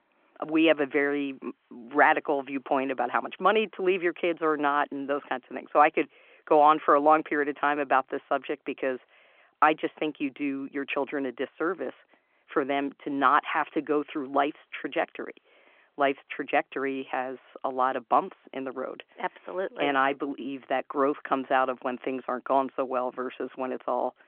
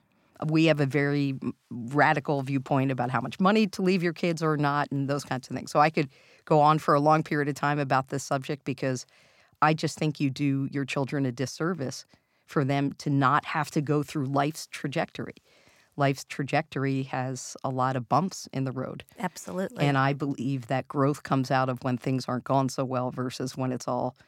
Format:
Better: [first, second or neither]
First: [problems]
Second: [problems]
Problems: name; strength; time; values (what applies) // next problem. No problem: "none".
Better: second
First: phone-call audio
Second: none